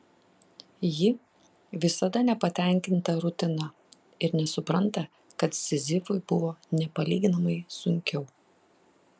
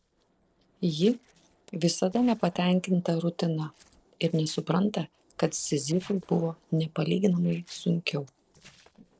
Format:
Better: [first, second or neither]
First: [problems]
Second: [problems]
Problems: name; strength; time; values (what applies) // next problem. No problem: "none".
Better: first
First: none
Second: noise reduction (neural separator model SepFormer DNS4)